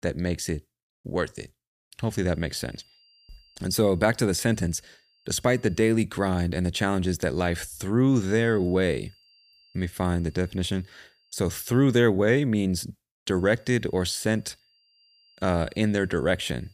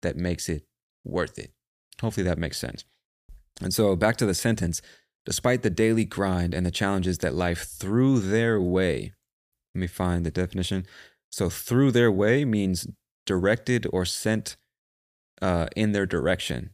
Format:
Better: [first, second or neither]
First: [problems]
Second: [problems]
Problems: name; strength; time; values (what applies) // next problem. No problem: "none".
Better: second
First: high-pitched whine; faint; from 2 to 6 s, from 8 to 12 s and from 13 s on; 4.5 kHz, 35 dB below the speech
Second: none